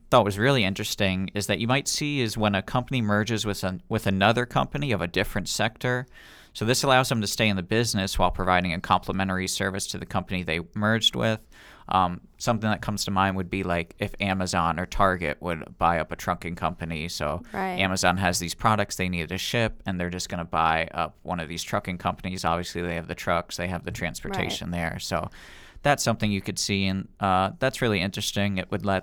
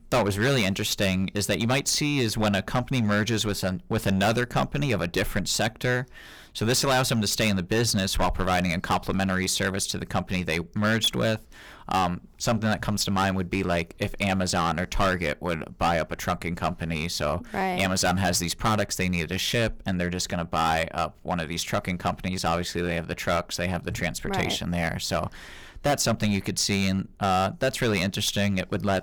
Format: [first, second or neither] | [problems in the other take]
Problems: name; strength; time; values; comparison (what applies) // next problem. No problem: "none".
first | distortion; heavy; 7% of the sound clipped